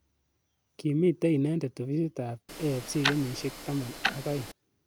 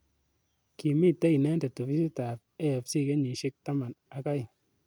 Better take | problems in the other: second | background sound (Tick-tock); 5 dB below the speech

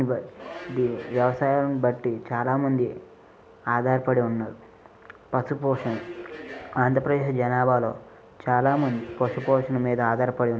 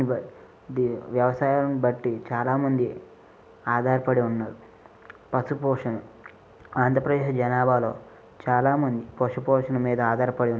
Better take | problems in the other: second | background sound (Subway, metro, underground); 15 dB below the speech

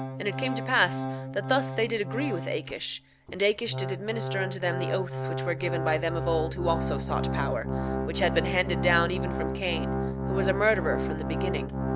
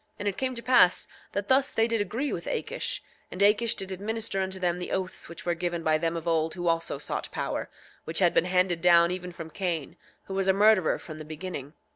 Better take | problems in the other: second | background sound (Organ); 1 dB below the speech

